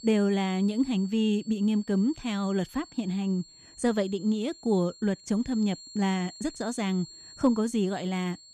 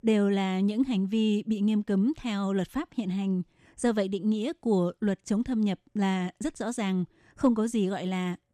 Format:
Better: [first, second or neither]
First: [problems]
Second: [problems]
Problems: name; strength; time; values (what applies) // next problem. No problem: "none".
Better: second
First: high-pitched whine; noticeable; throughout; 4.5 kHz, 20 dB below the speech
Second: none